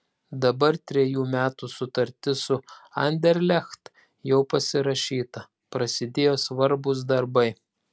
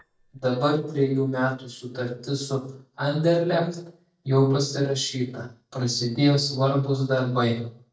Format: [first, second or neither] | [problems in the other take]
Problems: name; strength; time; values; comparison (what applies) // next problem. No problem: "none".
first | noise reduction (neural mask model DeepFilterNet 3)